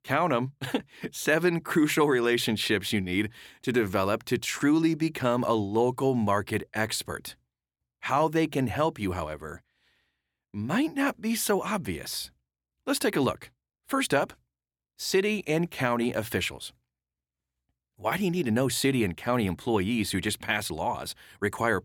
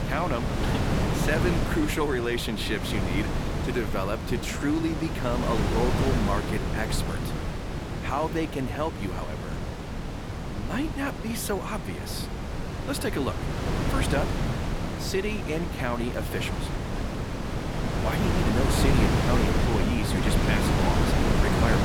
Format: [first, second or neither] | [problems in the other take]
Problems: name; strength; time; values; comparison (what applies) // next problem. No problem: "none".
first | wind noise on the microphone; heavy; 1 dB below the speech